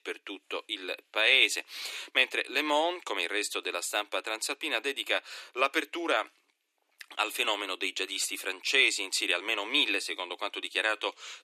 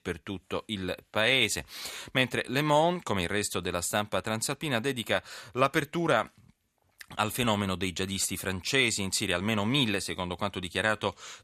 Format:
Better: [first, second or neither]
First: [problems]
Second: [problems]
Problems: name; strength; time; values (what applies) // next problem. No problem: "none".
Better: second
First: thin; somewhat; fading below 300 Hz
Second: none